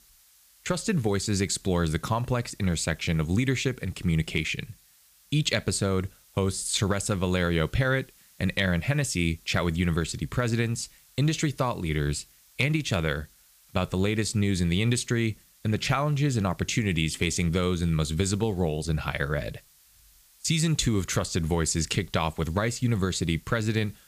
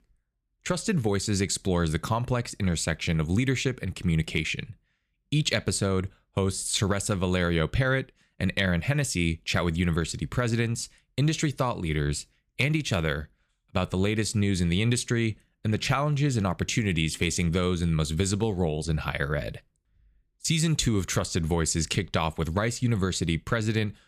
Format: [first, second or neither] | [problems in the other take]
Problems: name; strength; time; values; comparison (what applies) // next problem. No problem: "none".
second | hiss; faint; throughout; 30 dB below the speech